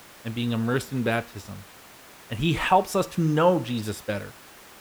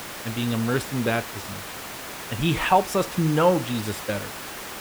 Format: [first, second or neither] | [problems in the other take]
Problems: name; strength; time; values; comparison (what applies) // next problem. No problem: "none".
first | hiss; loud; throughout; 10 dB below the speech; faint in the first